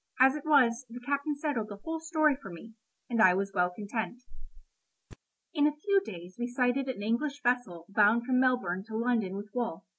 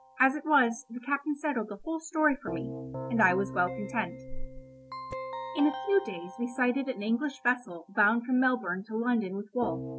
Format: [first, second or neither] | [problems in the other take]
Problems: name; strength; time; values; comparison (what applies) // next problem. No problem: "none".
first | background sound (Keyboard (musical)); 12 dB below the speech